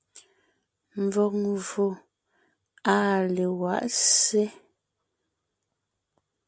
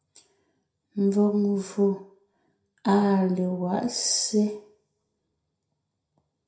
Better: first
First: none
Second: room echo; dies away in 0.5 s

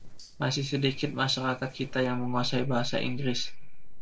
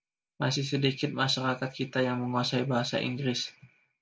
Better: second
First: noise reduction (neural separator model SepFormer DNS4)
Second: none

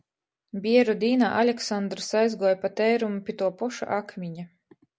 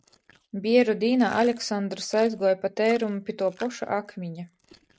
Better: first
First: none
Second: noise reduction (neural mask model RNNoise)

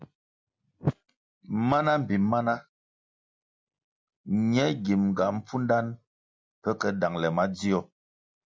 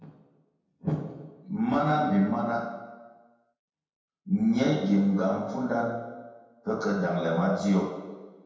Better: first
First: none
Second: room echo; dies away in 1.1 s

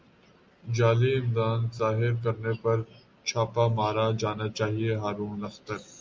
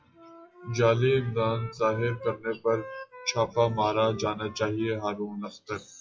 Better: first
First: none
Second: noise reduction (classical method WPE with log-MMSE)

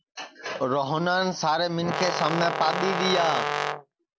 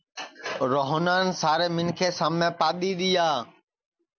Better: second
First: background sound (Brass instrument); 2 dB below the speech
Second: none

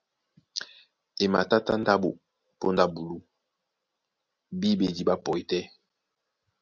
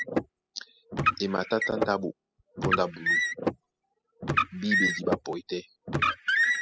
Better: first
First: none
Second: noise reduction (classical method spectral subtraction)

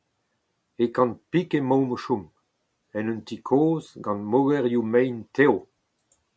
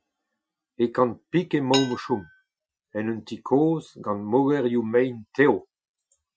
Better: first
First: none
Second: noise reduction (classical method Wiener filter)

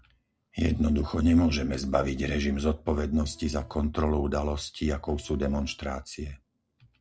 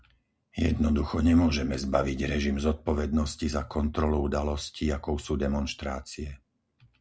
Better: second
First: noise reduction (neural separator model SepFormer DNS4)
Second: none

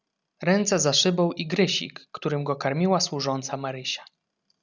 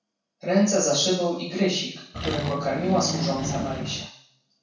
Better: first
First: none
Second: background sound (Accelerating, revving, vroom); 5 dB below the speech // room echo; dies away in 0.6 s

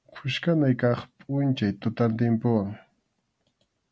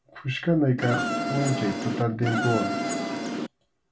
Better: first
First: none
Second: background sound (Insect); 1 dB below the speech // room echo; dies away in 0.2 s

